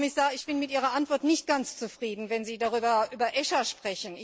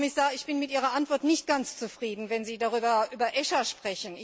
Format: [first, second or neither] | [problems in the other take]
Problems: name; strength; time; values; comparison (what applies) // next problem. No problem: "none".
second | noise reduction (neural separator model SepFormer DNS4)